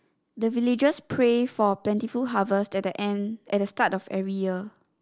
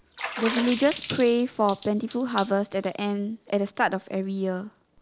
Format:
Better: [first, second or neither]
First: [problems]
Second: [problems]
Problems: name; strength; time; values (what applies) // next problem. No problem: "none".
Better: first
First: none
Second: background sound (Water / Splash, splatter); 13 dB below the speech